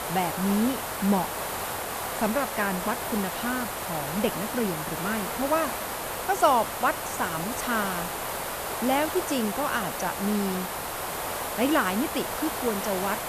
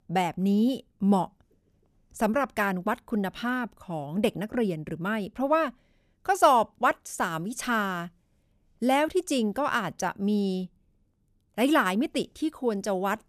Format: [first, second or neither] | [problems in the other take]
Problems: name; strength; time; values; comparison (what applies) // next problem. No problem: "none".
second | hiss; loud; throughout; 3 dB below the speech